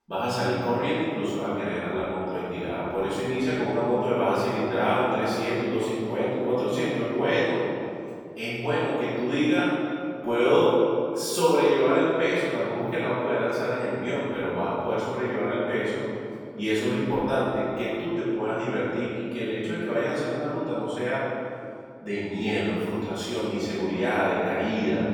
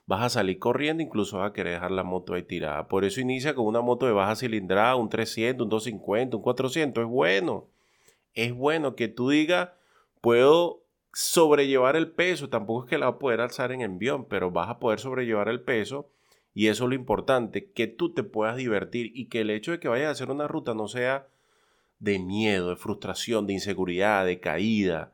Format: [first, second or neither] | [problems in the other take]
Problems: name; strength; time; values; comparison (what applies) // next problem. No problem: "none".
second | off-mic speech; far // room echo; strong; dies away in 2.3 s